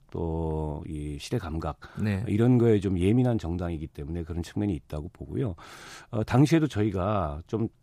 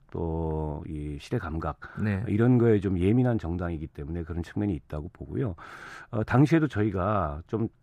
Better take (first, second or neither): first